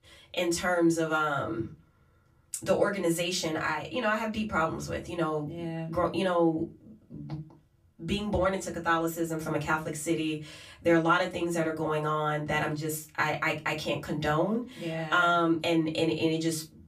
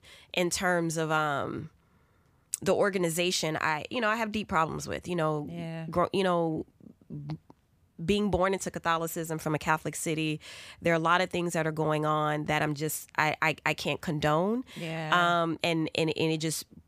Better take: second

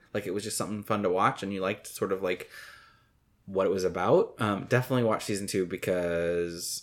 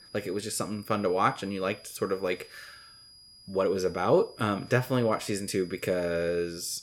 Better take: first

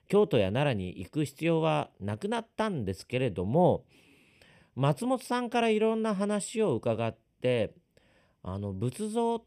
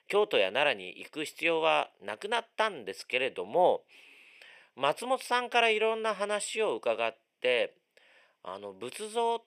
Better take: first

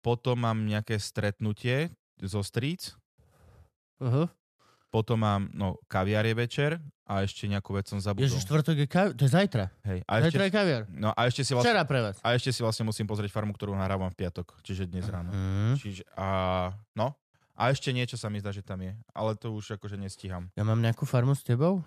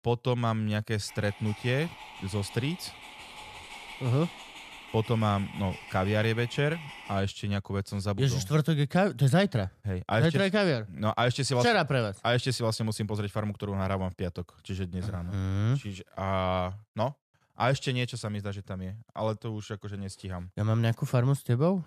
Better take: first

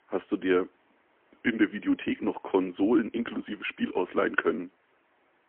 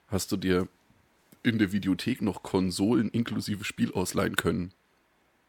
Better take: second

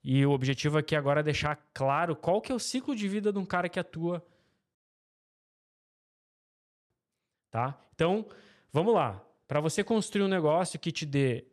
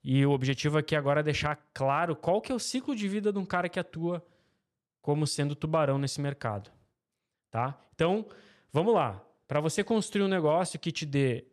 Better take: second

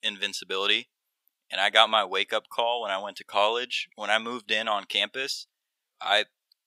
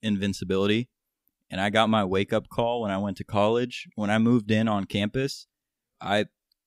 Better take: second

